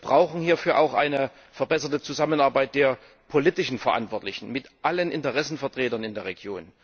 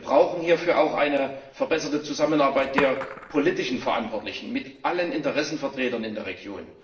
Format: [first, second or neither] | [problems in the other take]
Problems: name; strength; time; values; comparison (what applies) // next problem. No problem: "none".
first | background sound (Skateboard); 16 dB below the speech // room echo; dies away in 0.8 s